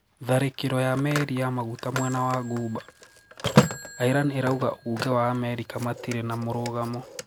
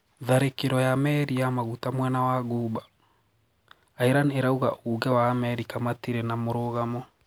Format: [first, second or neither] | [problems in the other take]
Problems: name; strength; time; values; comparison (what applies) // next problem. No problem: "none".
second | background sound (Telephone); 5 dB below the speech